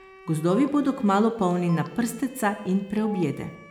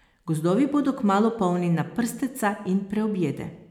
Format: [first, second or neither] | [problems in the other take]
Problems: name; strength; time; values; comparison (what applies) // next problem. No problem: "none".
second | background sound (Bowed string instrument + Telephone); 20 dB below the speech